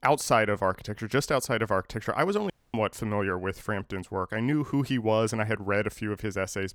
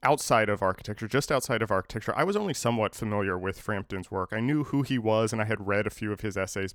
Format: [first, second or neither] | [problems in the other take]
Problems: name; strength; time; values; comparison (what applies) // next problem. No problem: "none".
second | audio cutting out; at 2.5 s